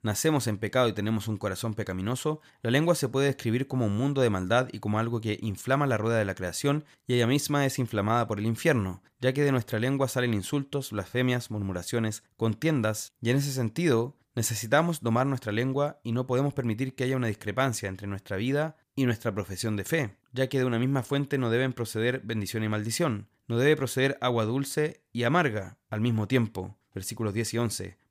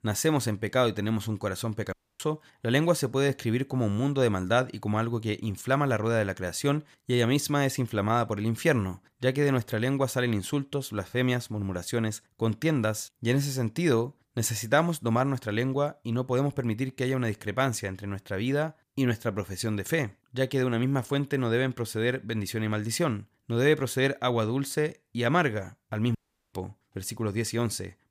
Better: first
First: none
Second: audio cutting out; at 2 s and at 26 s

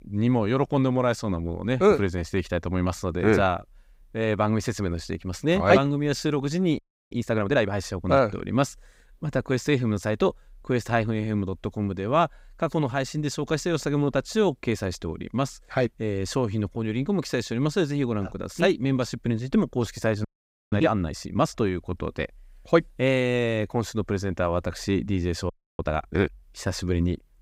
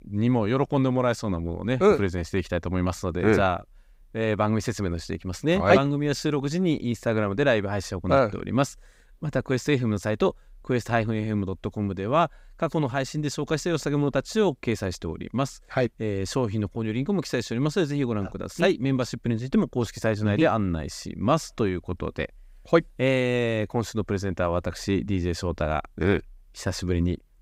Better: second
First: audio freezing; at 7 s, at 20 s and at 26 s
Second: none

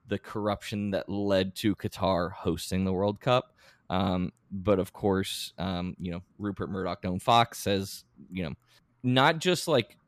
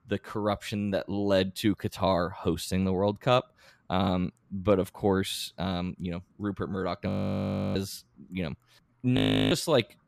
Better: first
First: none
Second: audio freezing; at 7 s for 0.5 s and at 9 s

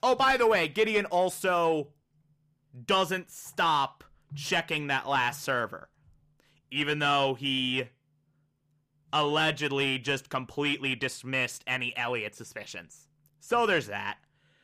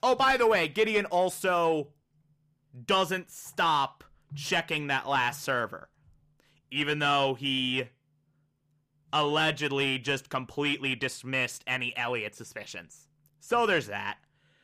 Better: neither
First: distortion; slight; 10 dB below the speech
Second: distortion; slight; 10 dB below the speech

